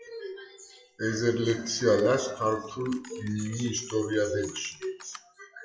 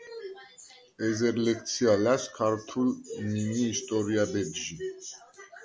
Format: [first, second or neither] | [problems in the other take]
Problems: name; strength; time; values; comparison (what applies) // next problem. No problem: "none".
second | noise reduction (classical method WPE with log-MMSE)